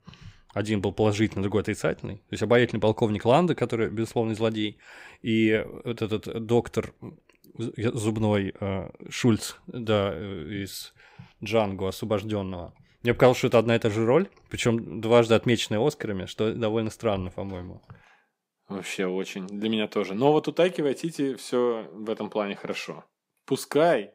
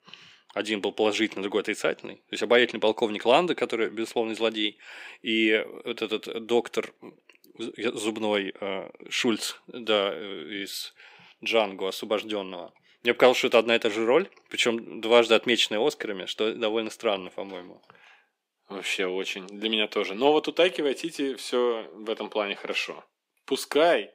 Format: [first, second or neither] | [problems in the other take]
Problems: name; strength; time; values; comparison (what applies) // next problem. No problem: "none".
first | thin; very slightly; fading below 250 Hz